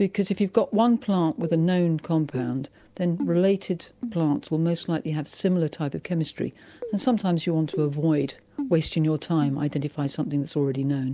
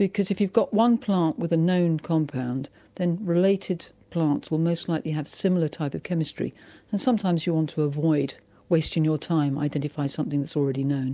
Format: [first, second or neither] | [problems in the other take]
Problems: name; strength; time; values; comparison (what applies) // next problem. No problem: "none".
second | background sound (Keyboard (musical)); 13 dB below the speech